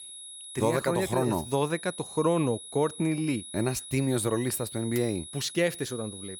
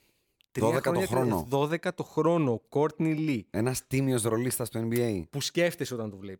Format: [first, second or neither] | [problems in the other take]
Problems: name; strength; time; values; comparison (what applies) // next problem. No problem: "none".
second | high-pitched whine; noticeable; throughout; 10.5 kHz, 10 dB below the speech